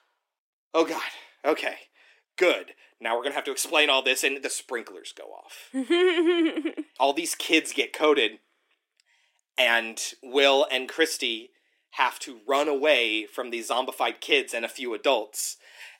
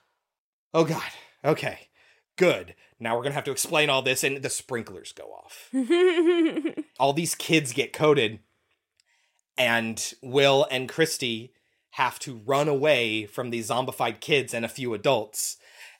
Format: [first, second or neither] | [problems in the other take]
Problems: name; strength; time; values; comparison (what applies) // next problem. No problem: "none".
second | thin; very slightly; fading below 300 Hz